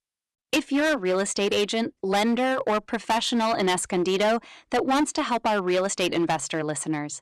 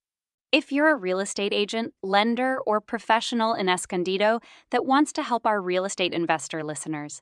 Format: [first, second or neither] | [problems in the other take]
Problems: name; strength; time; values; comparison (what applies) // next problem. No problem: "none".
second | distortion; heavy; 13% of the sound clipped